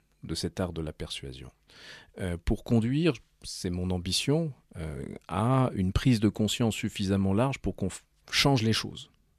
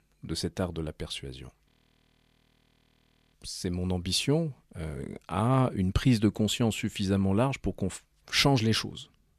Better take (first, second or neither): first